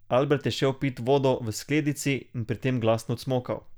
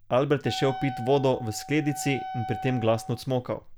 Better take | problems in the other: first | background sound (Wind instrument, woodwind instrument); 11 dB below the speech

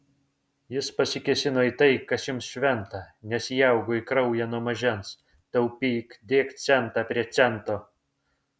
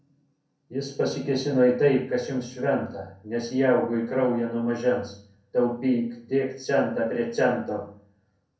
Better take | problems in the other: first | room echo; dies away in 0.5 s

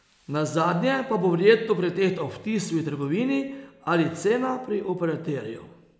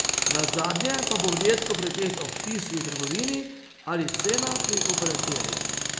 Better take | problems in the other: first | background sound (Tools); 1 dB above the speech

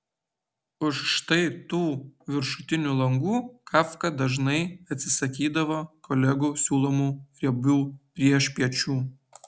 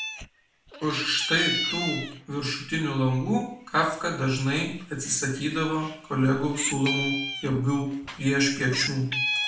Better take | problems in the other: first | background sound (Meow); 8 dB below the speech // room echo; dies away in 0.5 s

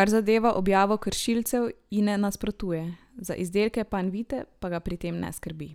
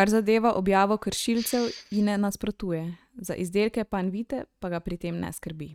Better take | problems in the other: first | noise reduction (neural mask model RNNoise)

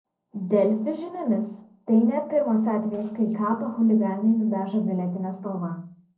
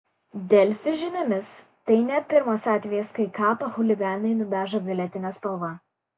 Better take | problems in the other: second | noise reduction (neural separator model SepFormer DNS4)

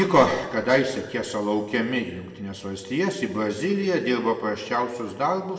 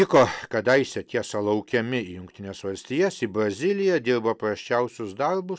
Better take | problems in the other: second | room echo; dies away in 1.4 s

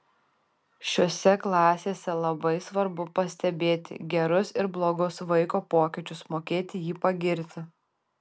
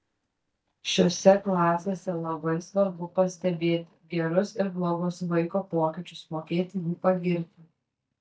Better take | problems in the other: first | noise reduction (neural mask model DeepFilterNet 3)

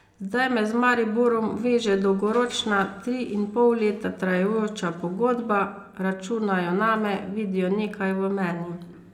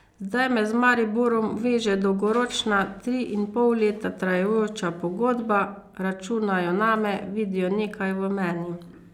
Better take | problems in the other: second | room echo; dies away in 1.7 s

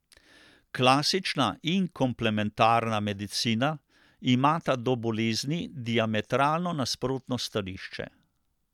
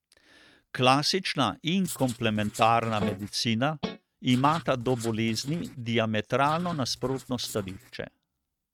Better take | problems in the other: first | noise reduction (neural mask model RNNoise)

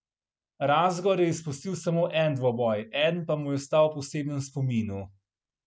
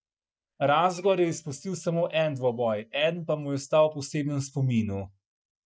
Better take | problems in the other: first | noise reduction (neural mask model DeepFilterNet 3)

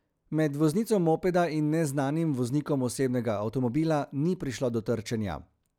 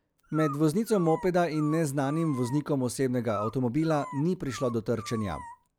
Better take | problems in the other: first | background sound (Dog); 15 dB below the speech

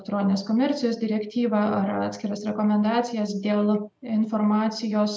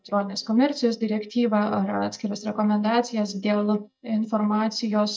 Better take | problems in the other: first | noise reduction (neural mask model DeepFilterNet 3)

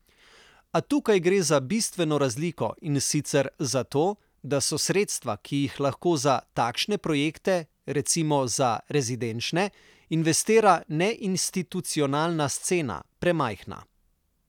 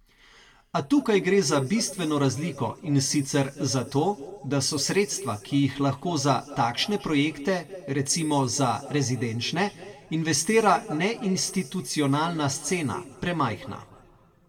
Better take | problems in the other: first | room echo; dies away in 1.3 s

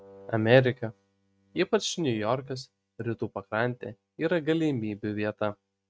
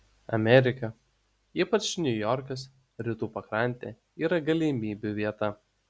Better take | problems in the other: second | noise reduction (neural mask model RNNoise)

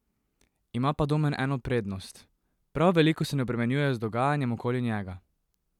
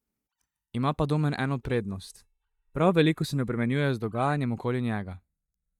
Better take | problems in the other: first | noise reduction (neural mask model DeepFilterNet 3)

